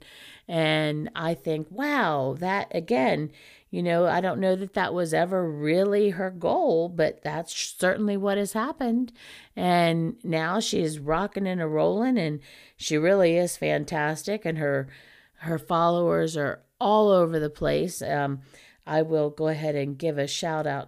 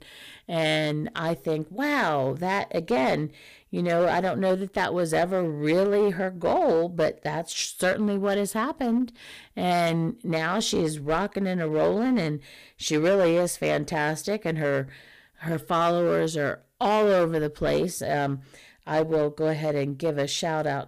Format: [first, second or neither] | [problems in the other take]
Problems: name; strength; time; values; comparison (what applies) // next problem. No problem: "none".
first | distortion; slight; 7% of the sound clipped